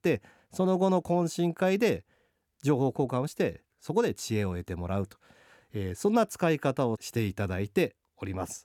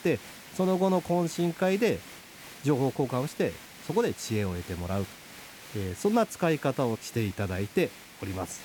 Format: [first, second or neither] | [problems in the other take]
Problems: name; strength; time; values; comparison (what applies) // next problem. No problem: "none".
first | hiss; noticeable; throughout; 15 dB below the speech